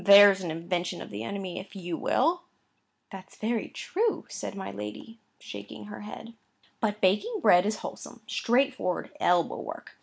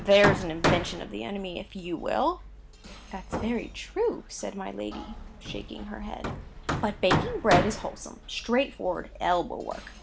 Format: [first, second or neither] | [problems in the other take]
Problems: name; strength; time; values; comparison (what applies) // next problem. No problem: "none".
first | background sound (Hammer); 4 dB below the speech